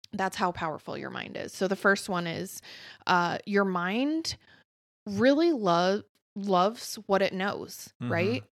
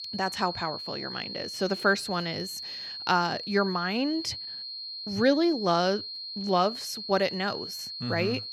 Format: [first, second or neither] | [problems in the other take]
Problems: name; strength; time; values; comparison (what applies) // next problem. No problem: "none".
first | high-pitched whine; loud; throughout; 4.5 kHz, 7 dB below the speech